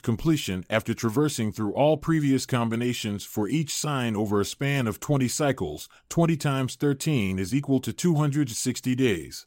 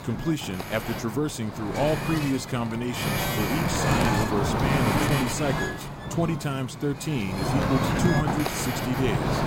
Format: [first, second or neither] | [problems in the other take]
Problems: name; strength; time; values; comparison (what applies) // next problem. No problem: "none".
first | wind noise on the microphone; heavy; 3 dB above the speech